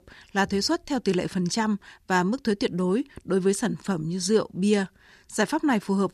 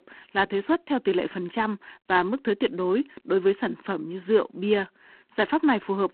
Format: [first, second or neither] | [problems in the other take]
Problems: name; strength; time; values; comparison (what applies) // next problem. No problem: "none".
first | phone-call audio; poor line